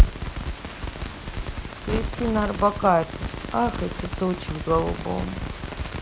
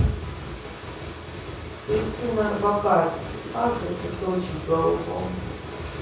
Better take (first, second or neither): first